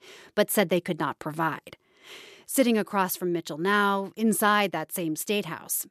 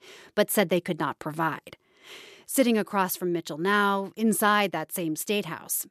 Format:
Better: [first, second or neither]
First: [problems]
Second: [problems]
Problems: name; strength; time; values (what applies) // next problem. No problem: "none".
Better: neither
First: none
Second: none